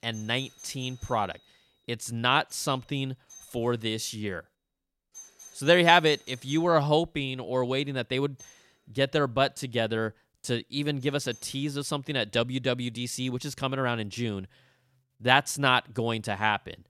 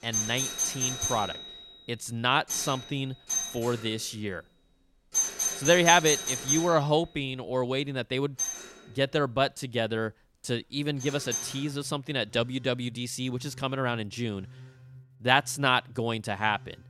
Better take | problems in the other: first | alarms or sirens; loud; throughout; 1 dB below the speech; faint in the first

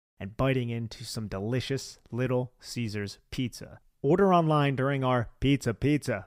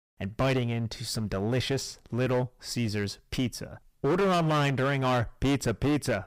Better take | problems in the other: first | distortion; heavy; 16% of the sound clipped

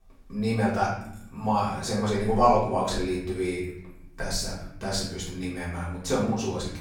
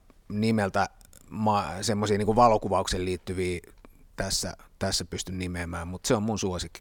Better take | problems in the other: second | room echo; noticeable; dies away in 0.8 s // off-mic speech; far

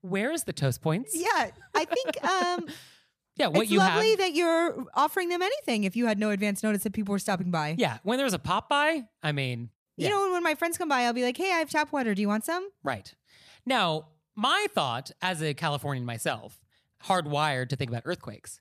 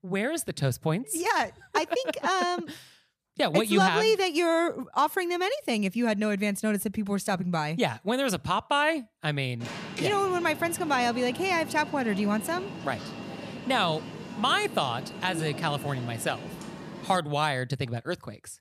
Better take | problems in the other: first | alarm; noticeable; from 9.5 to 17 s; peak 8 dB below the speech

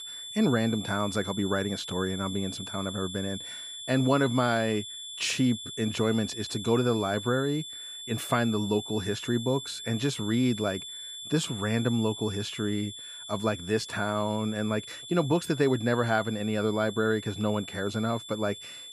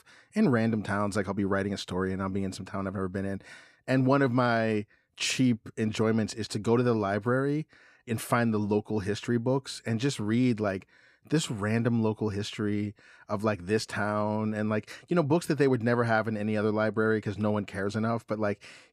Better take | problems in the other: second | high-pitched whine; loud; throughout; 3.5 kHz, 9 dB below the speech

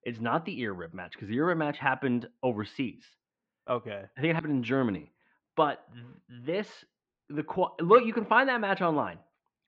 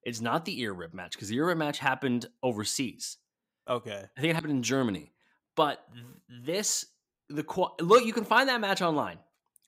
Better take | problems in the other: second | muffled; very; fading above 2.5 kHz

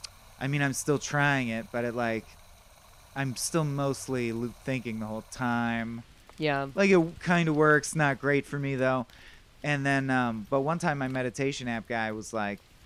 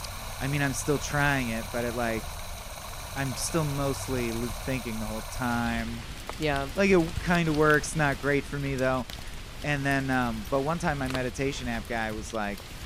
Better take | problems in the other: first | rain or running water; loud; throughout; 10 dB below the speech; faint in the first

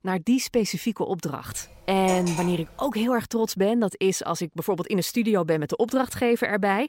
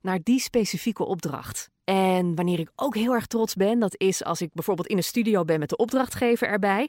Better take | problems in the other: second | clattering dishes; noticeable; from 1.5 to 3 s; peak 7 dB below the speech

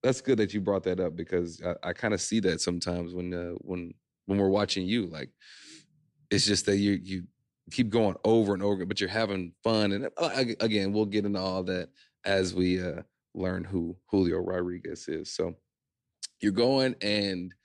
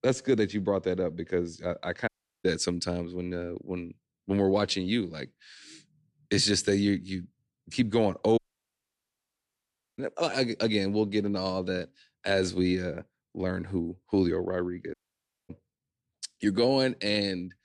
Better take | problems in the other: first | audio cutting out; at 2 s, at 8.5 s for 1.5 s and at 15 s for 0.5 s

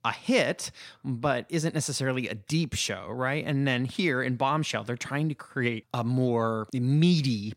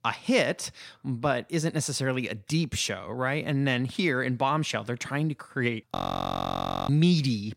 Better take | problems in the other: first | audio freezing; at 6 s for 1 s

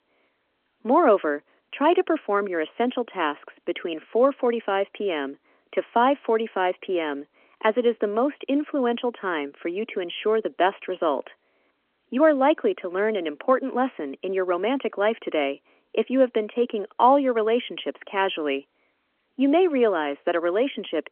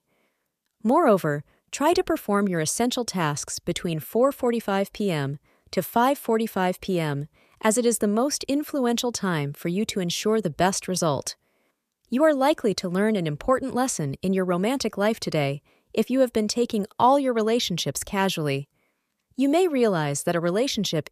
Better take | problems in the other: second | phone-call audio; nothing above 3 kHz

